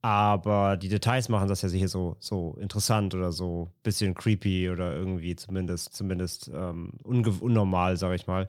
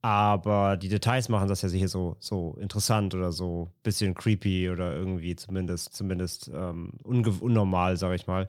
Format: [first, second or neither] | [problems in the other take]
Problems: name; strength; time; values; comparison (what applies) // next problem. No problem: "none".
neither | none